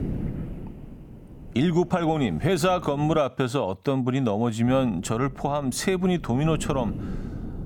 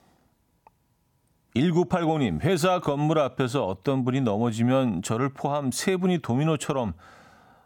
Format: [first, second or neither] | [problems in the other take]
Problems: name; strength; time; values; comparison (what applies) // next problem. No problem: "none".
second | wind noise on the microphone; occasional gusts; until 3 s and from 4.5 s on; 20 dB below the speech